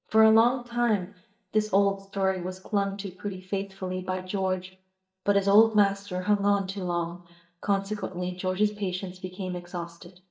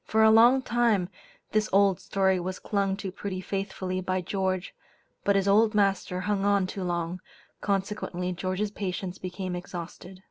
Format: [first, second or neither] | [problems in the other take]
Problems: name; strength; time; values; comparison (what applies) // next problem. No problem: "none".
second | noise reduction (neural mask model DeepFilterNet 3)